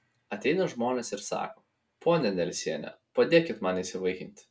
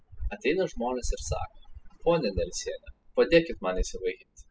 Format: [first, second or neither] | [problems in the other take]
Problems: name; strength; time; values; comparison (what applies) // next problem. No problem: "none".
first | noise reduction (classical method spectral subtraction)